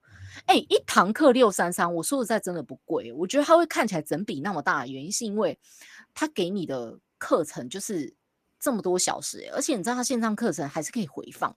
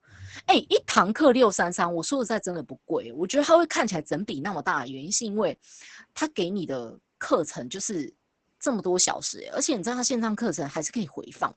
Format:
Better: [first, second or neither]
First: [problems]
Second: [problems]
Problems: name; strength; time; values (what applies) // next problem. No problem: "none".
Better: first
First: garbled, watery; slightly; nothing above 14.5 kHz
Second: garbled, watery; badly; nothing above 8 kHz